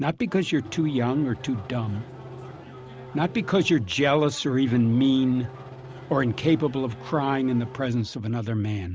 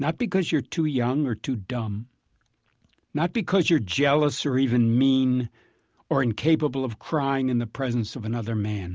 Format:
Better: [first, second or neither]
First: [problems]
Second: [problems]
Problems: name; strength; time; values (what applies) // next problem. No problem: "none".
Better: second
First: background sound (Race car, auto racing / Engine starting); 16 dB below the speech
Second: none